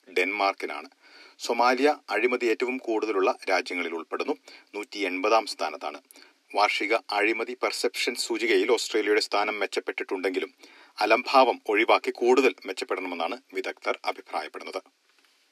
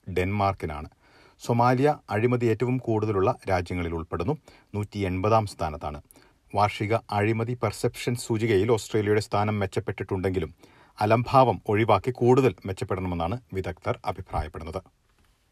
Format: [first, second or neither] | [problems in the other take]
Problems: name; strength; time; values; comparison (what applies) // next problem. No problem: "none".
second | thin; somewhat; fading below 250 Hz